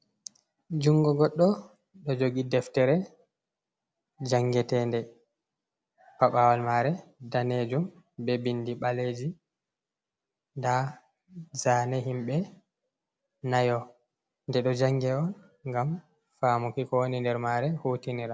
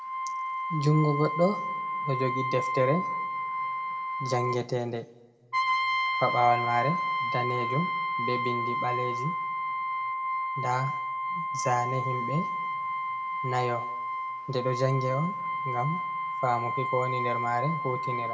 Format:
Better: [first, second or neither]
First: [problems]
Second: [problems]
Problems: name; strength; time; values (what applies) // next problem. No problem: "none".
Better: first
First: none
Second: background sound (Brass instrument); as loud as the speech // room echo; dies away in 1 s